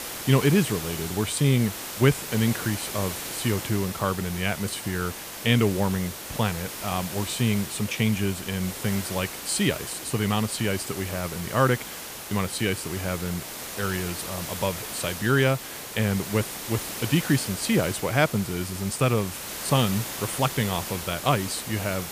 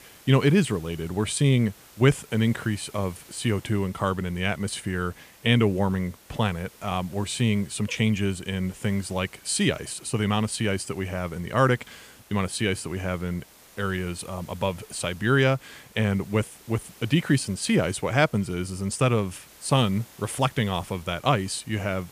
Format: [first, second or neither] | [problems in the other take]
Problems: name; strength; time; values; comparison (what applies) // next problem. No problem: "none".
second | hiss; loud; throughout; 7 dB below the speech; faint in the second